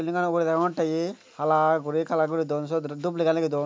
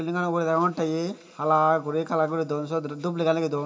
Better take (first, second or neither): first